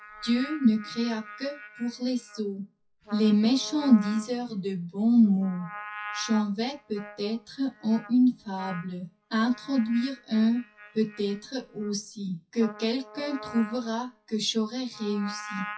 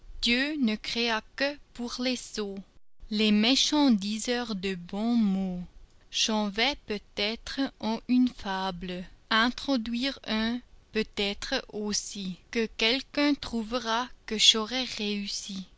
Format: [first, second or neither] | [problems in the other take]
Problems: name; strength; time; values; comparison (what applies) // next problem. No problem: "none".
second | noise reduction (classical method WPE with log-MMSE)